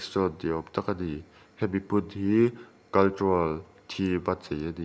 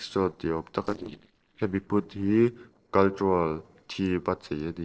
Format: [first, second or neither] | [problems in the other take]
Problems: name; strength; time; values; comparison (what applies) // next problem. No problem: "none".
first | noise reduction (neural separator model SepFormer DNS4)